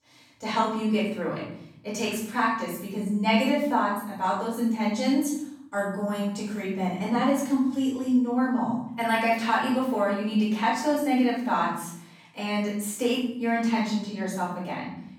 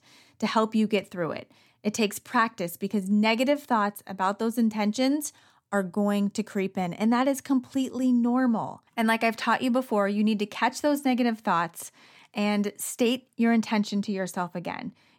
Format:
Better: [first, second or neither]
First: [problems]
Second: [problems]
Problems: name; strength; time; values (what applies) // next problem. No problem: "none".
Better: second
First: off-mic speech; far // room echo; noticeable; dies away in 0.7 s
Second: none